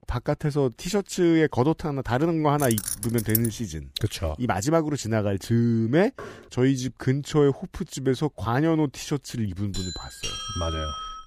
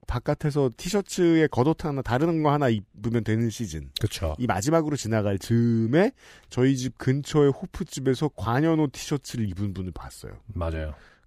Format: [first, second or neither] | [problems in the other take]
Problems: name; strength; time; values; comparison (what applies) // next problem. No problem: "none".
second | jangling keys; noticeable; at 2.5 s; peak 2 dB below the speech // door banging; faint; at 6 s; peak 15 dB below the speech // doorbell; noticeable; from 9.5 s on; peak 6 dB below the speech